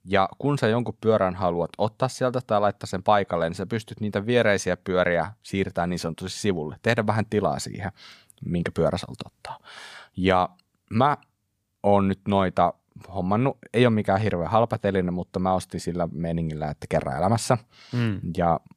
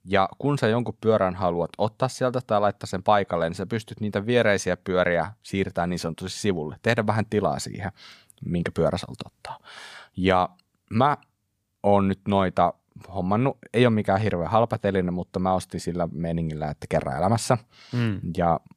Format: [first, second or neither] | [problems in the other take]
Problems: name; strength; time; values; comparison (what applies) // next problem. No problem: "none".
neither | none